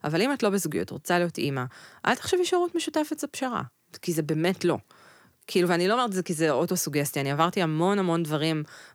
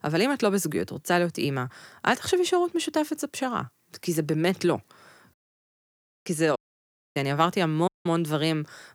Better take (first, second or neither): first